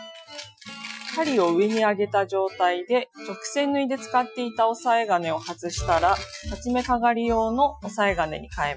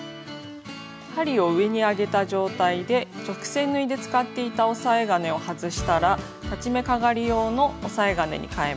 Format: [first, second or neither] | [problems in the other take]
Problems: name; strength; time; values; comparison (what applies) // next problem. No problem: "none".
second | noise reduction (classical method Wiener filter)